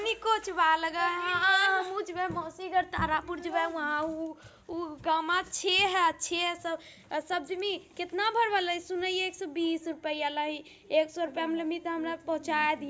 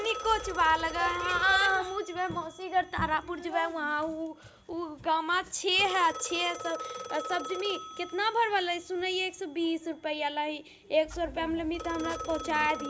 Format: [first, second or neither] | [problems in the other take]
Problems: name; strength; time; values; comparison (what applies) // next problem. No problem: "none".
first | background sound (Telephone + Clock); 12 dB below the speech